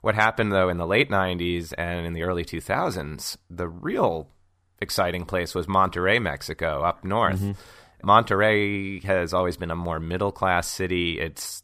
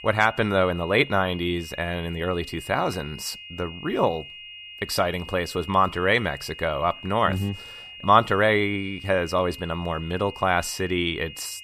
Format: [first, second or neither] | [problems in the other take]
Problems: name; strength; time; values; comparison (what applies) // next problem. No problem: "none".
first | high-pitched whine; noticeable; throughout; 3 kHz, 15 dB below the speech